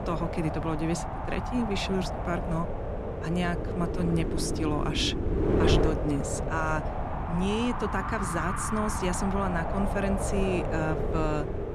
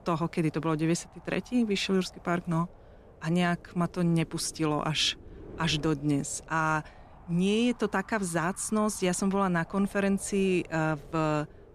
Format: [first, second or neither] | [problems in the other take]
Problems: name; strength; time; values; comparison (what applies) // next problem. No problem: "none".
second | wind noise on the microphone; heavy; 1 dB below the speech; occasional gusts in the second